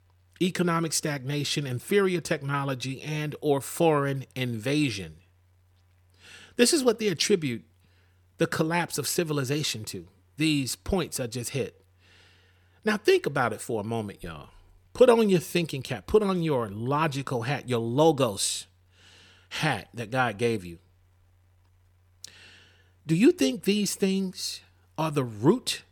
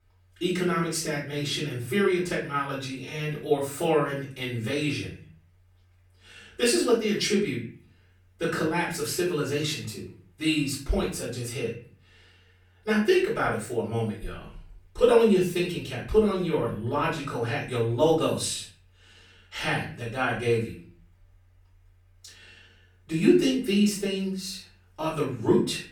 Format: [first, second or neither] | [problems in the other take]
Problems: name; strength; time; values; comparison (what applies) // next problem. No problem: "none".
first | off-mic speech; far // room echo; slight; dies away in 0.4 s